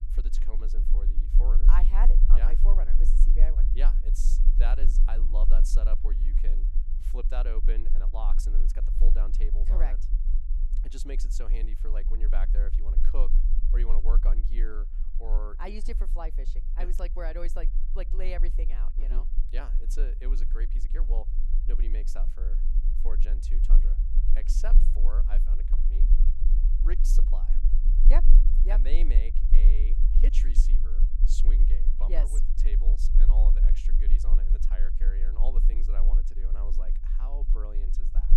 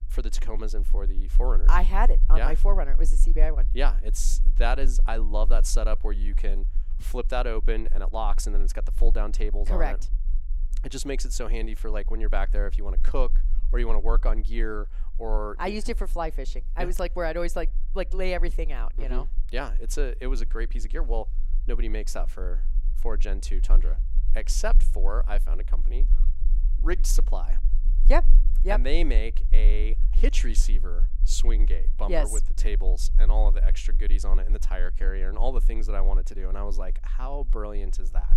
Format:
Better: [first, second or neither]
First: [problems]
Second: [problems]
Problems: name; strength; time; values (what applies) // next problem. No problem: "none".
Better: second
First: low rumble; loud; throughout; 9 dB below the speech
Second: low rumble; faint; throughout; 20 dB below the speech